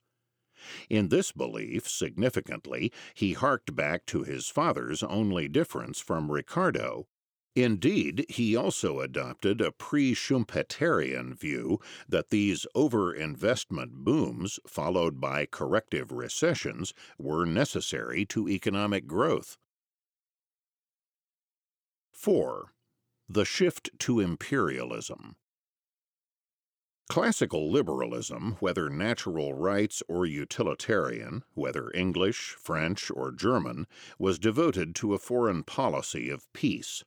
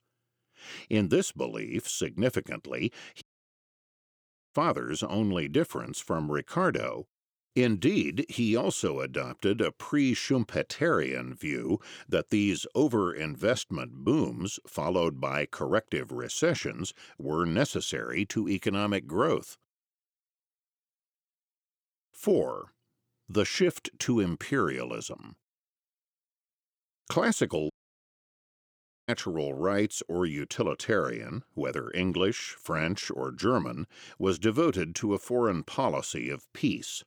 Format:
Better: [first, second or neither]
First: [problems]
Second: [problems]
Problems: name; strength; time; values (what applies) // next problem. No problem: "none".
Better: first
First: none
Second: audio cutting out; at 3 s for 1.5 s and at 28 s for 1.5 s